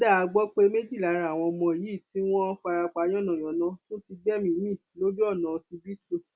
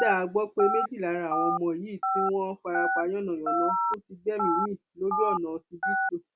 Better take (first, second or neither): first